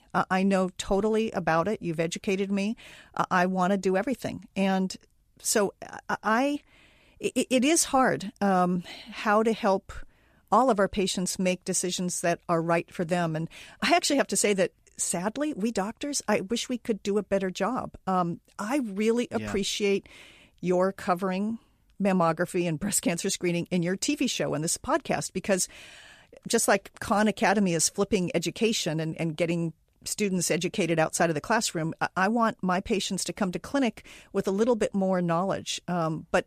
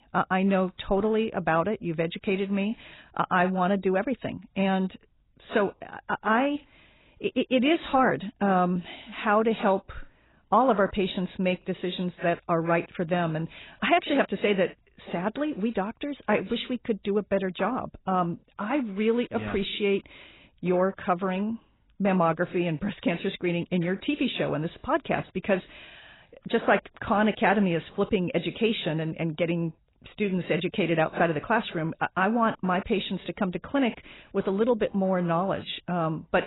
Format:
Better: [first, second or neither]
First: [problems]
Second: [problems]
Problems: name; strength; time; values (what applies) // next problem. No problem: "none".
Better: first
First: none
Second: garbled, watery; badly; nothing above 4 kHz